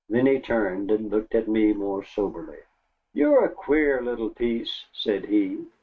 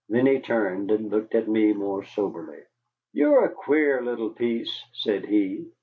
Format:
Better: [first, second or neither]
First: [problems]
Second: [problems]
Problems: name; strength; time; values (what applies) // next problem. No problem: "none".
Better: second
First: noise reduction (neural mask model RNNoise)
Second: none